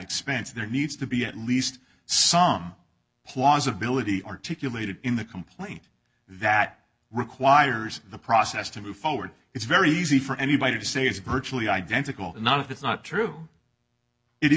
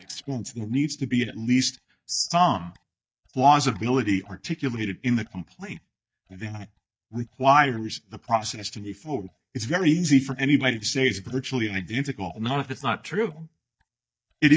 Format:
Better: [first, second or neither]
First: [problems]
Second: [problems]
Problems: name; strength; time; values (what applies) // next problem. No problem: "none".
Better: first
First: none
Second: noise reduction (neural mask model DeepFilterNet 3)